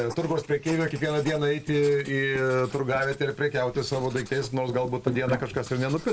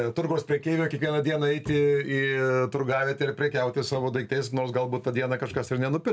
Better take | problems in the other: second | noise reduction (neural mask model Resemble Enhance denoiser)

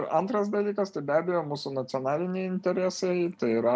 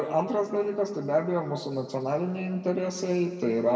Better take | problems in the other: first | room echo; dies away in 2.1 s

